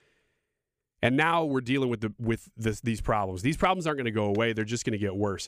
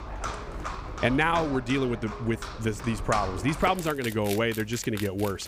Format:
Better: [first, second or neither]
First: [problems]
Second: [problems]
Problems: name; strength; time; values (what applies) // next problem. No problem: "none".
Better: first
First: none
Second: animal sounds; loud; throughout; 9 dB below the speech